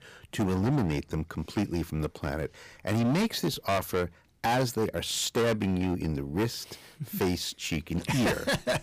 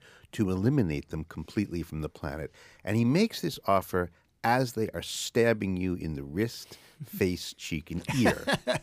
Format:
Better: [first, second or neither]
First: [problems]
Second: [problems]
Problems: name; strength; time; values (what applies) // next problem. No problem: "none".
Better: second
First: distortion; heavy; 14% of the sound clipped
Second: none